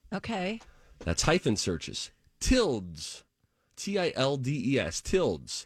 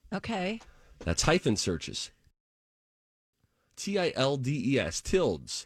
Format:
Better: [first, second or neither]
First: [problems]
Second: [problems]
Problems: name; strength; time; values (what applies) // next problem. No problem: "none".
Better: first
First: none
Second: audio cutting out; at 2.5 s for 1 s